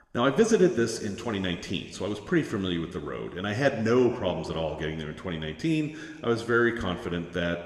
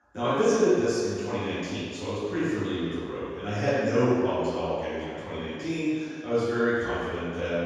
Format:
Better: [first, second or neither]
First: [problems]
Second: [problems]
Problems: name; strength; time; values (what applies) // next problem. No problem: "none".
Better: first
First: room echo; slight; dies away in 1.7 s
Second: room echo; strong; dies away in 1.8 s // off-mic speech; far